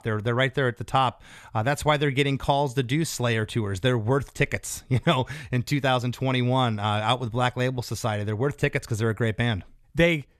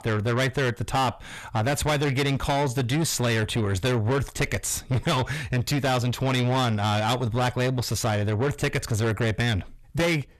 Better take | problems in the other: first | distortion; heavy; 6 dB below the speech

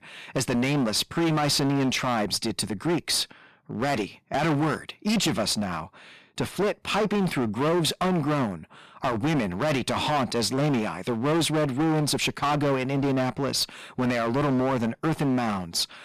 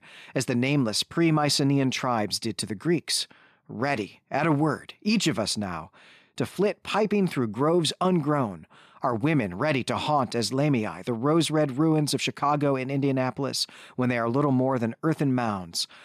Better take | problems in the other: second | distortion; heavy; 20% of the sound clipped

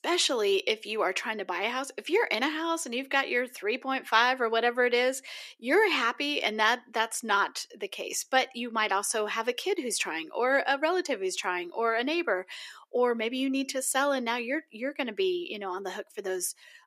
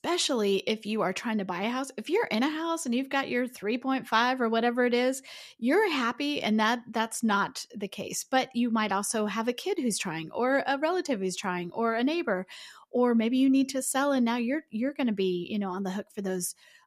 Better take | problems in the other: second | thin; somewhat; fading below 350 Hz

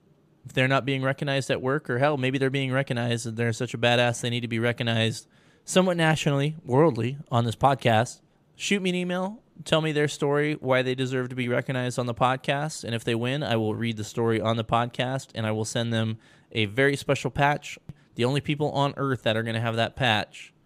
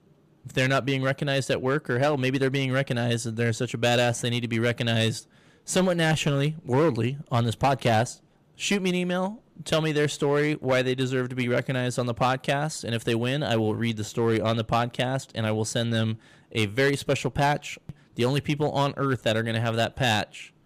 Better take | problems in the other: first | distortion; slight; 5% of the sound clipped

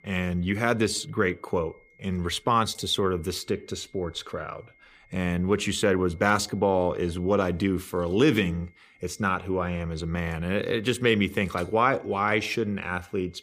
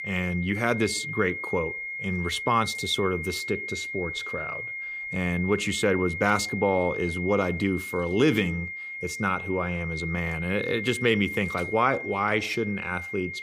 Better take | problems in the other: first | high-pitched whine; loud; throughout; 2 kHz, 6 dB below the speech; faint in the first

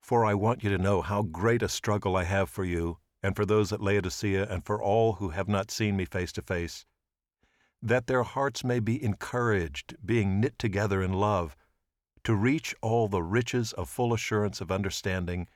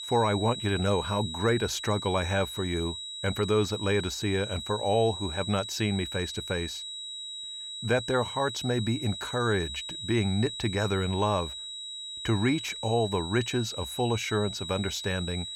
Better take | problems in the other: first | high-pitched whine; loud; throughout; 4 kHz, 7 dB below the speech

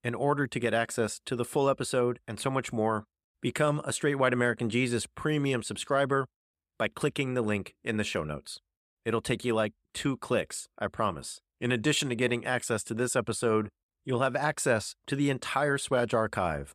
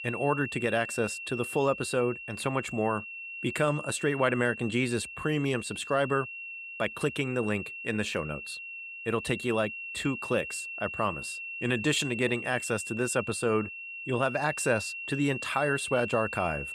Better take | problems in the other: first | high-pitched whine; loud; throughout; 2.5 kHz, 8 dB below the speech

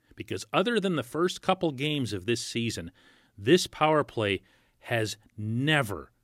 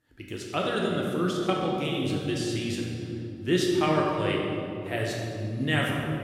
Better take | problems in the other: first | room echo; noticeable; dies away in 2.6 s // off-mic speech; far

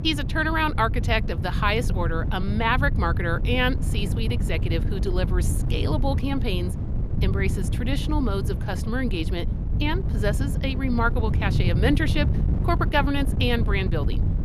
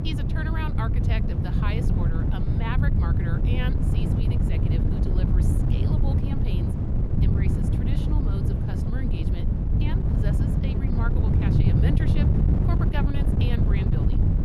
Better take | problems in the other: first | wind noise on the microphone; heavy; 3 dB above the speech; occasional gusts in the first

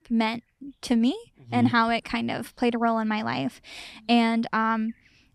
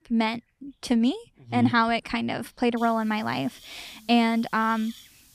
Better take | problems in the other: first | hiss; faint; from 3 s on; 25 dB below the speech

